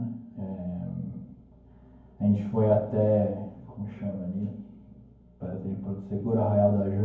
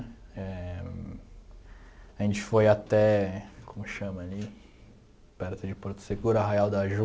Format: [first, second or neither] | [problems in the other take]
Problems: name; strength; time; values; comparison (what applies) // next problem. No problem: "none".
second | room echo; dies away in 0.9 s